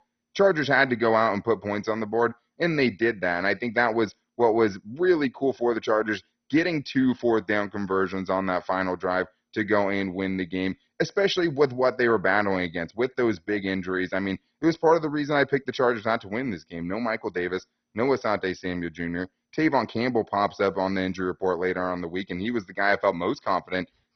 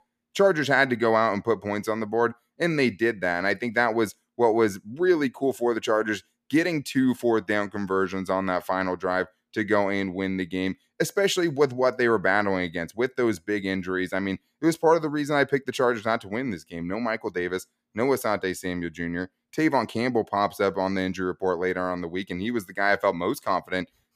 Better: second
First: garbled, watery; badly; nothing above 6 kHz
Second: none

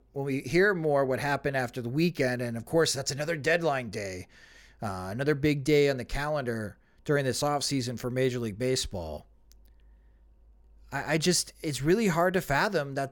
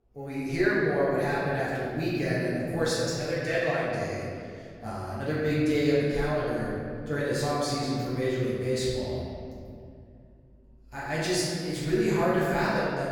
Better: first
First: none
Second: room echo; strong; dies away in 2.3 s // off-mic speech; far

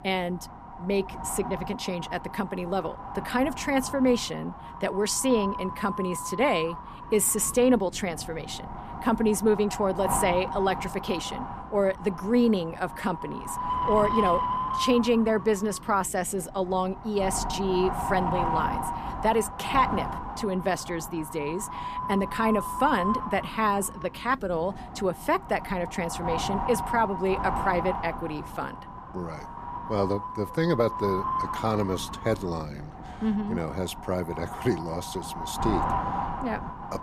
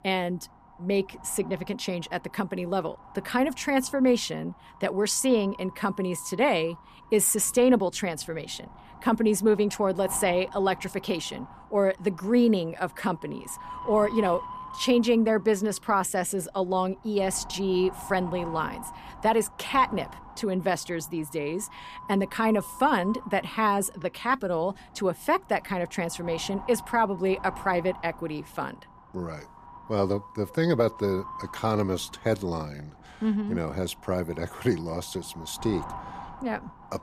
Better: second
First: wind noise on the microphone; heavy; 3 dB below the speech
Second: wind noise on the microphone; occasional gusts; 15 dB below the speech

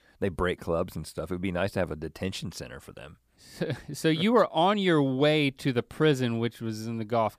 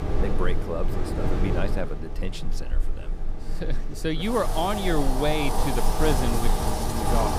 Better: first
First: none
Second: wind in the background; very loud; throughout; 1 dB above the speech

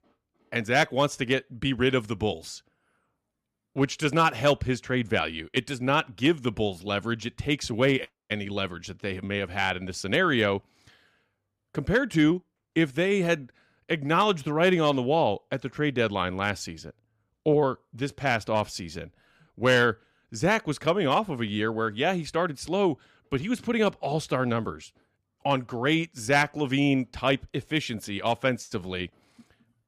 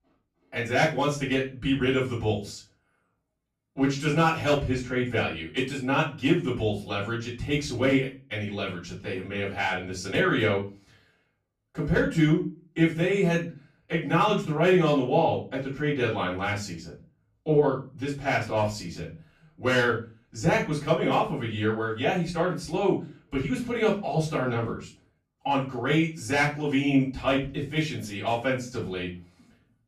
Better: first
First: none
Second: off-mic speech; far // room echo; slight; dies away in 0.3 s

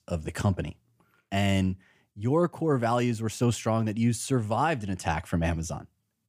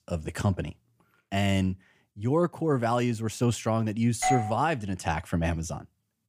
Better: first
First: none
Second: doorbell; loud; at 4 s; peak level with the speech

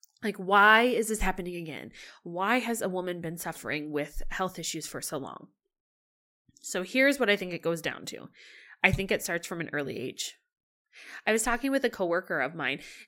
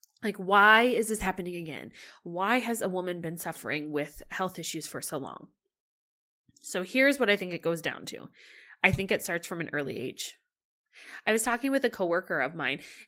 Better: first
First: none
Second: garbled, watery; slightly; nothing above 16 kHz

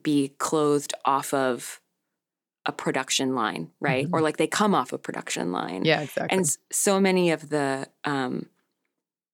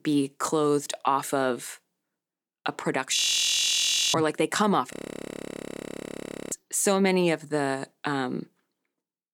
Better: first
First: none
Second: audio freezing; at 3 s for 1 s and at 5 s for 1.5 s

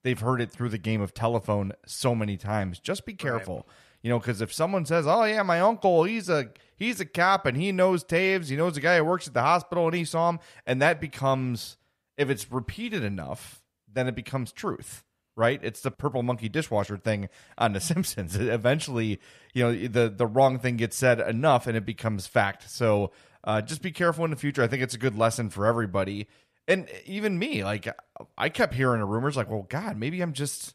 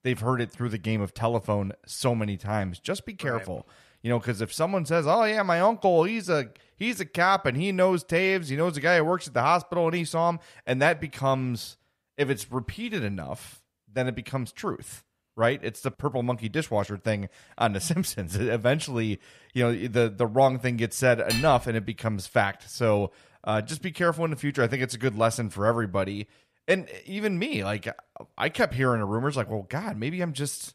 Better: first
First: none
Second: clattering dishes; noticeable; at 21 s; peak 3 dB below the speech

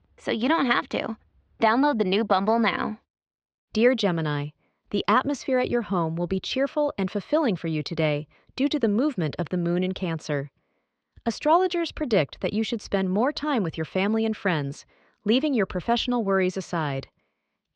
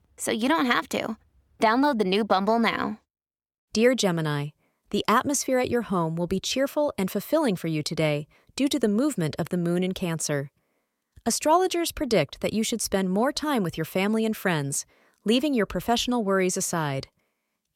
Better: second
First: muffled; slightly; fading above 4.5 kHz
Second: none

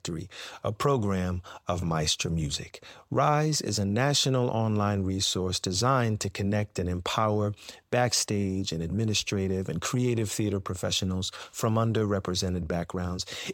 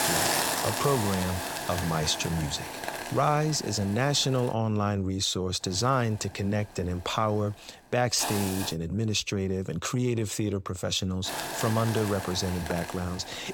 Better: first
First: none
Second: hiss; loud; until 4.5 s, from 5.5 to 8.5 s and from 11 s on; 4 dB below the speech

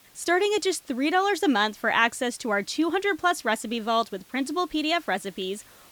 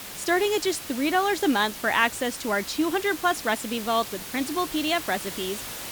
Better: first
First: hiss; faint; throughout; 30 dB below the speech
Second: hiss; loud; throughout; 10 dB below the speech

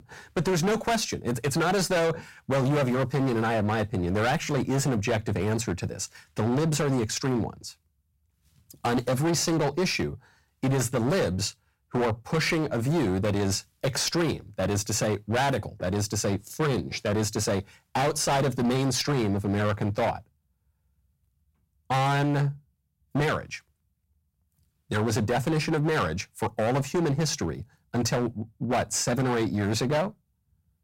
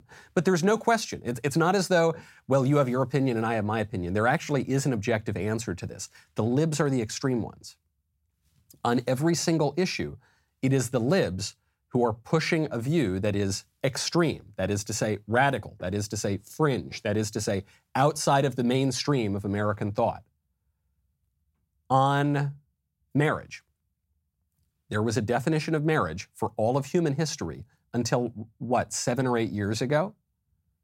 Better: second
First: distortion; heavy; 17% of the sound clipped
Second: none

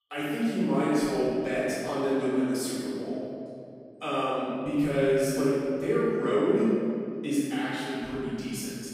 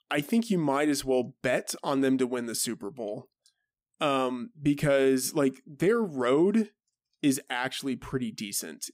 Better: second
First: room echo; strong; dies away in 2.3 s // off-mic speech; far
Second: none

